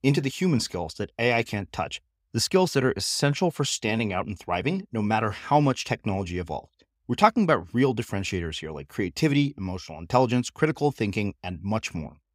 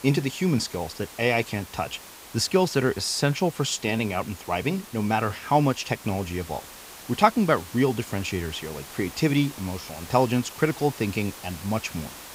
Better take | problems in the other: first | hiss; noticeable; throughout; 15 dB below the speech

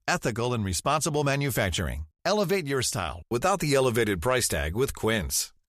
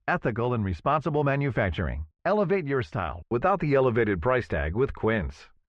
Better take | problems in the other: first | muffled; very; fading above 2 kHz

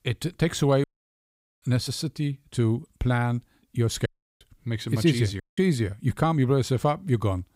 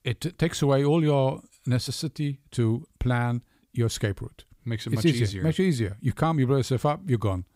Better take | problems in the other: second | audio cutting out; at 1 s for 1 s, at 4 s and at 5.5 s

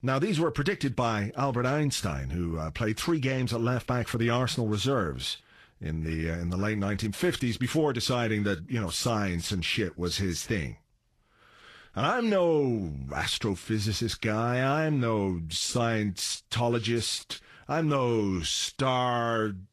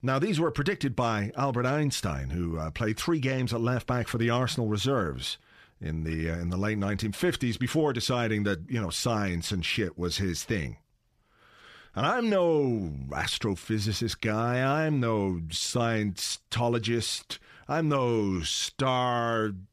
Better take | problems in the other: second | garbled, watery; slightly; nothing above 12.5 kHz

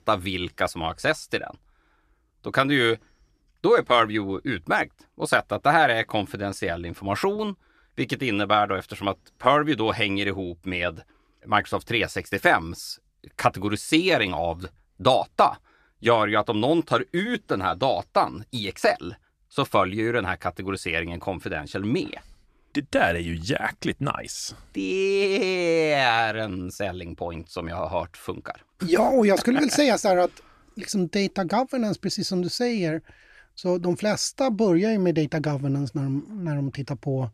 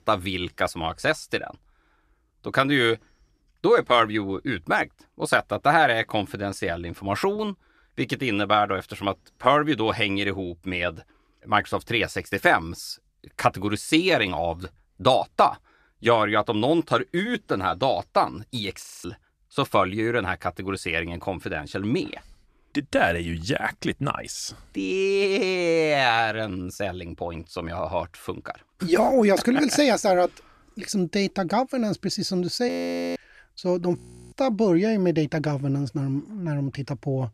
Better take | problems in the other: first | audio freezing; at 19 s, at 33 s and at 34 s

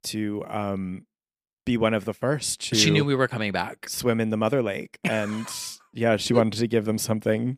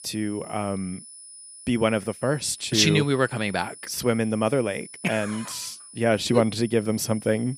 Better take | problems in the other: first | high-pitched whine; noticeable; throughout; 10 kHz, 15 dB below the speech

